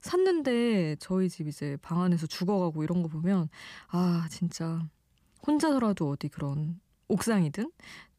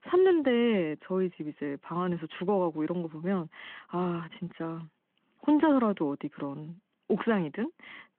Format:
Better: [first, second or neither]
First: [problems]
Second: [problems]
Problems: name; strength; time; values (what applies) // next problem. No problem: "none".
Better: first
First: none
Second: phone-call audio